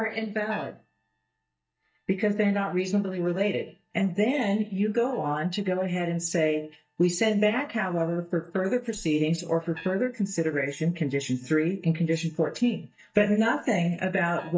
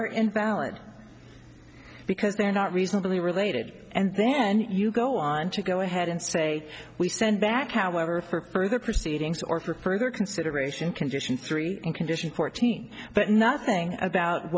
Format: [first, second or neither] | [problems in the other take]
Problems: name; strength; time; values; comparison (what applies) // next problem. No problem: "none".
second | noise reduction (neural mask model DeepFilterNet 3)